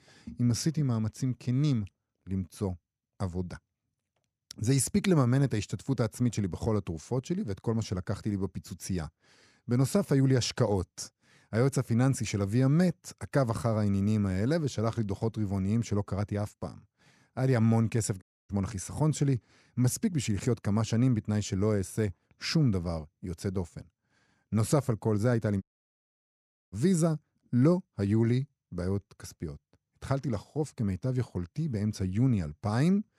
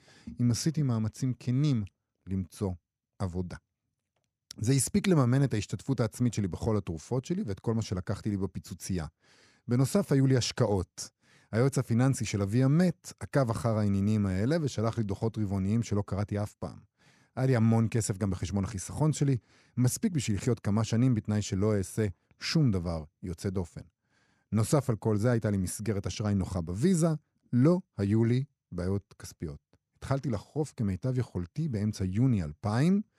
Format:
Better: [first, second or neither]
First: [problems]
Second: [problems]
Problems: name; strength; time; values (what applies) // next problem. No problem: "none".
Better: second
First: audio cutting out; at 18 s and at 26 s for 1 s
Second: none